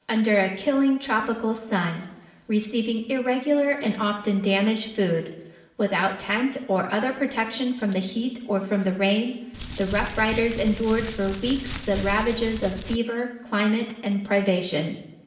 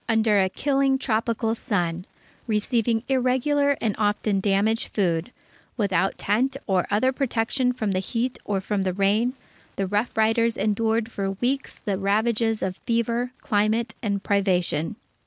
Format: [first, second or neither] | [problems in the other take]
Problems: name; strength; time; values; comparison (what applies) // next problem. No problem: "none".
second | background sound (Crumpling, crinkling); 10 dB below the speech // room echo; dies away in 0.8 s